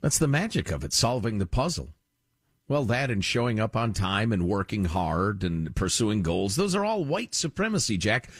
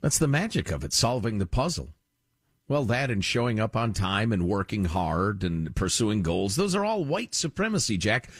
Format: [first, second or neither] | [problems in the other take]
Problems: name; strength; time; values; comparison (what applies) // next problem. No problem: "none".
neither | none